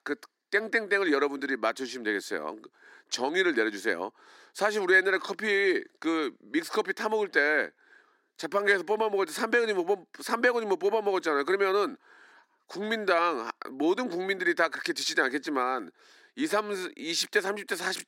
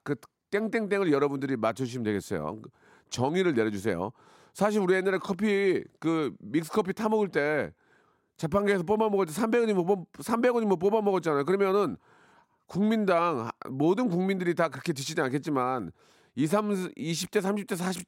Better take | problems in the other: second | thin; somewhat; fading below 300 Hz

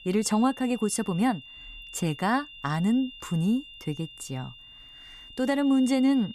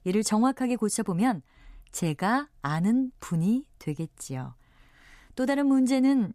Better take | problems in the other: second | high-pitched whine; noticeable; throughout; 3 kHz, 15 dB below the speech

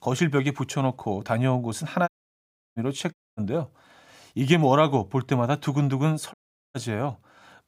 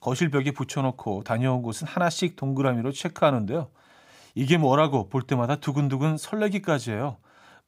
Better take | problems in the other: second | audio cutting out; at 2 s for 0.5 s, at 3 s and at 6.5 s

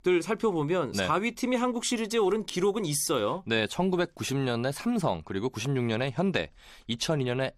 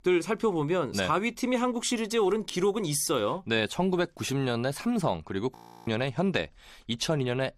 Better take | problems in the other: first | audio freezing; at 5.5 s

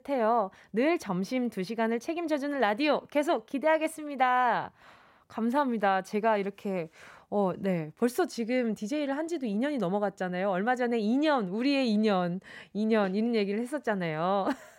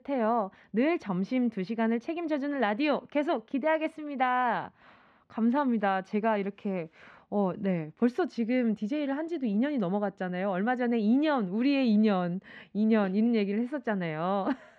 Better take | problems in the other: first | muffled; very slightly; fading above 3 kHz

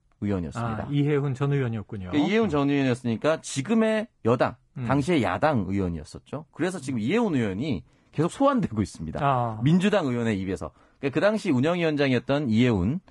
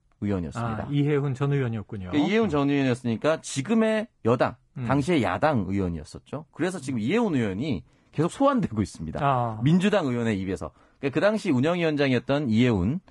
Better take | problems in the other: neither | garbled, watery; slightly; nothing above 10 kHz; the same in both

